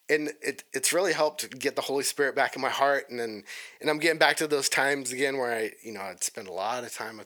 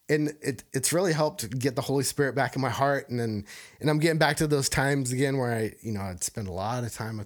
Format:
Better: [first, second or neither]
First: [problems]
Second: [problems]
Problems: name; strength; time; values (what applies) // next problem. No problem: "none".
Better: second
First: thin; somewhat; fading below 450 Hz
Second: none